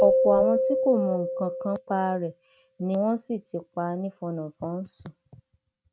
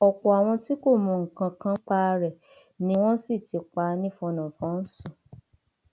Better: second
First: noise reduction (neural mask model RNNoise)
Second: none

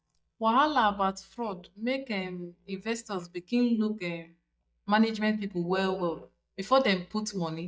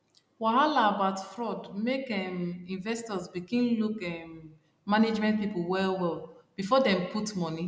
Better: second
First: noise reduction (neural mask model DeepFilterNet 3)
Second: none

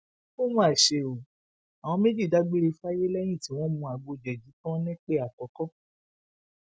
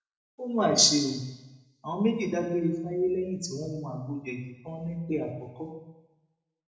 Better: first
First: none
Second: room echo; dies away in 0.9 s

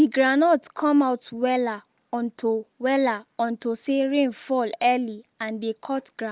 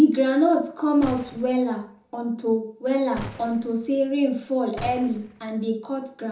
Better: first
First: none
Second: background sound (Gunshot, gunfire); 18 dB below the speech // room echo; dies away in 0.5 s

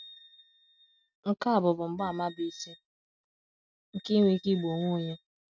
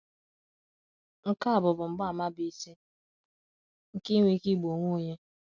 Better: second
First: noise reduction (neural mask model RNNoise)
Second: none

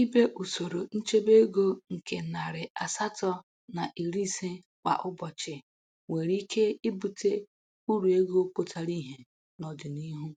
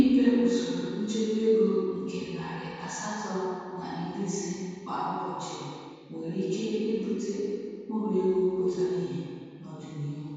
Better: first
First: none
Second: room echo; dies away in 2.1 s

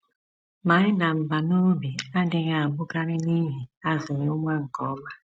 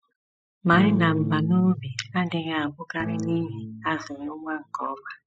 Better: first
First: none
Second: noise reduction (classical method spectral subtraction)

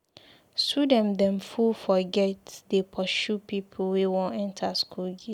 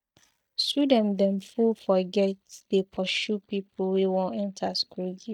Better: first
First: none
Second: noise reduction (neural mask model DeepFilterNet 3)

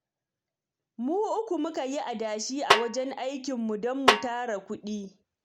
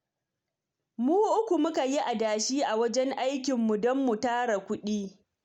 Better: second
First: background sound (Snare drum); 4 dB above the speech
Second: none

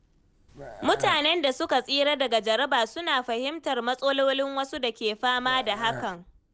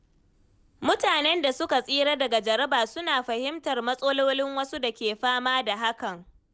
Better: second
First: background sound (Burping, eructation); 13 dB below the speech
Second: none

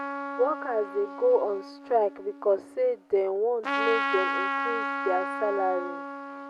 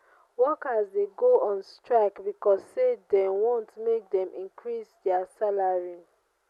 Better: second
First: background sound (Trumpet); 5 dB below the speech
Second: none

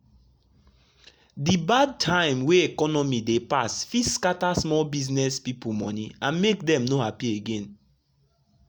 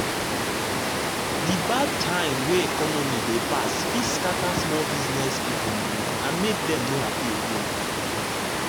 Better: first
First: none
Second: background sound (Water); 3 dB above the speech

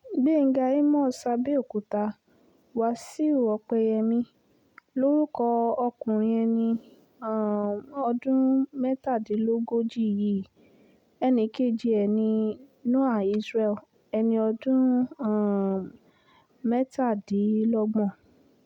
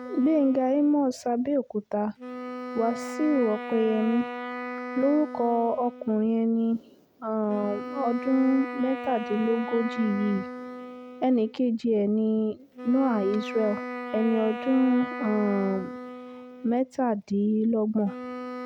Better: first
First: none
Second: background sound (Wind instrument, woodwind instrument); 11 dB below the speech

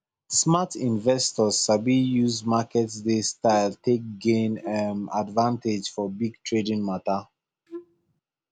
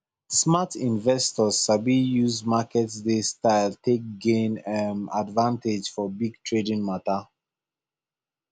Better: second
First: background sound (Wind instrument, woodwind instrument); 18 dB below the speech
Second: none

